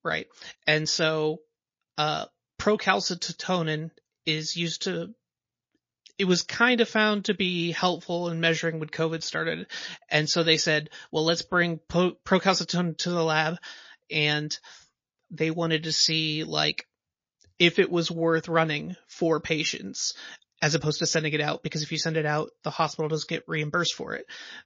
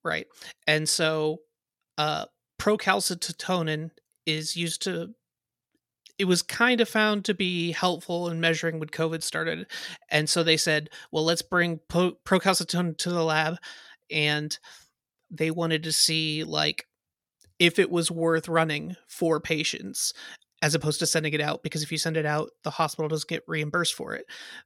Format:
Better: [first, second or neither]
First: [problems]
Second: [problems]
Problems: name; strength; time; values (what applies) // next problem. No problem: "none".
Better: second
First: garbled, watery; slightly; nothing above 6.5 kHz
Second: none